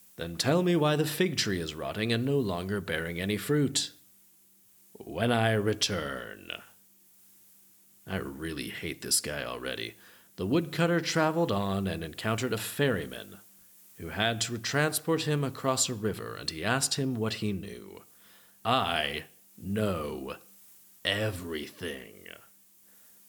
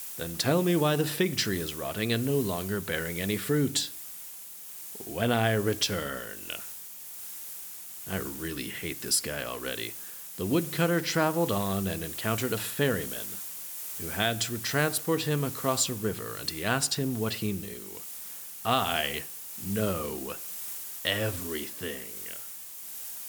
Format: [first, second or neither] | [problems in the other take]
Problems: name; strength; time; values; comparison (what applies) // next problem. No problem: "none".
first | hiss; loud; throughout; 8 dB below the speech; faint in the first